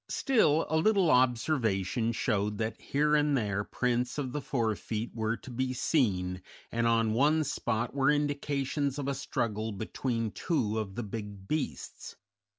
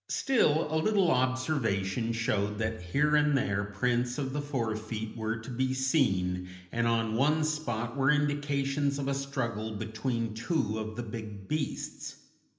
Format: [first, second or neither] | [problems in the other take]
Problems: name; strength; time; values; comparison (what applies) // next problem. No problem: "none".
first | background sound (Bowed string instrument); 19 dB below the speech // room echo; dies away in 0.8 s